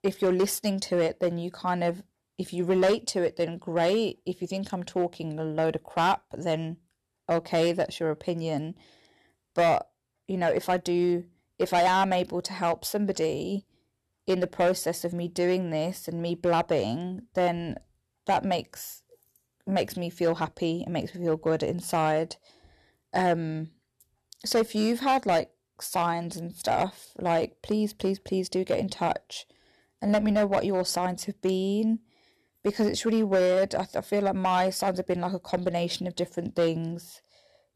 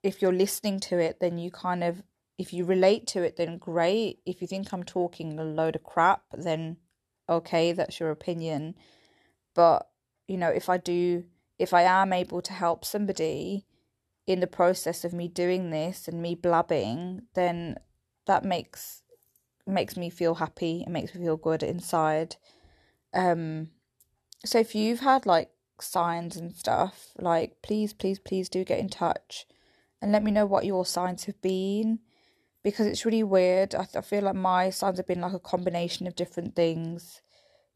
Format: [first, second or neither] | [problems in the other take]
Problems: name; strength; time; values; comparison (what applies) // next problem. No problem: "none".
second | distortion; slight; 4% of the sound clipped